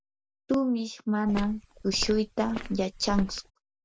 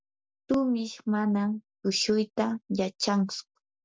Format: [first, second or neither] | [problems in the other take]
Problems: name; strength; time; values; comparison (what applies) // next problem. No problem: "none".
second | background sound (Walk, footsteps); 8 dB below the speech